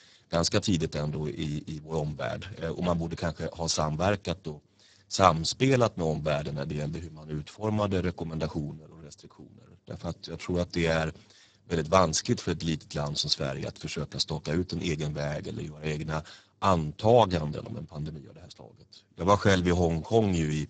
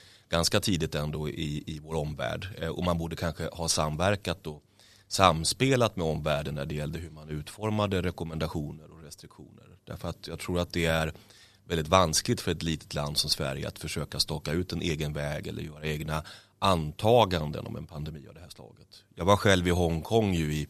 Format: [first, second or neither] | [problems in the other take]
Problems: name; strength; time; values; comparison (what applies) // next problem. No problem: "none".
second | garbled, watery; badly; nothing above 7.5 kHz